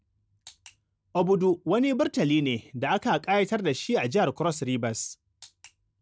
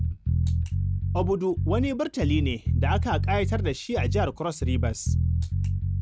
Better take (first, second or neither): first